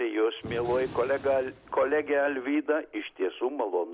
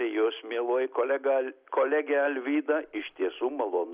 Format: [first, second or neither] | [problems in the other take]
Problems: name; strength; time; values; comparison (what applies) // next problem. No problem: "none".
second | background sound (Gunshot, gunfire); 17 dB below the speech